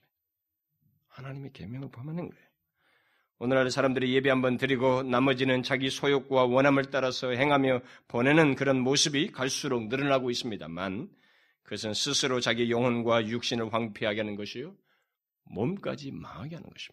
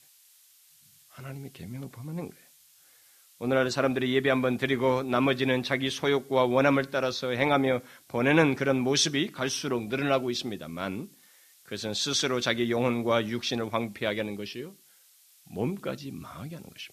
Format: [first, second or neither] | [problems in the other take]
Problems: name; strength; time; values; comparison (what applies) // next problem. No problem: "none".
first | hiss; faint; throughout; 30 dB below the speech